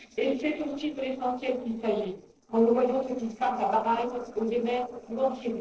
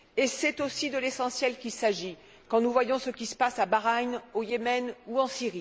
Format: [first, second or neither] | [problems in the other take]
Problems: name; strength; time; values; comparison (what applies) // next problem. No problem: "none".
second | noise reduction (neural separator model SepFormer DNS4)